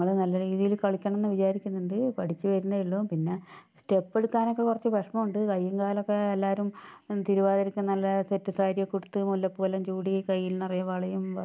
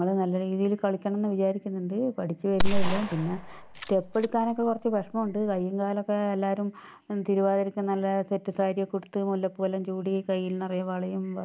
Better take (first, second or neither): first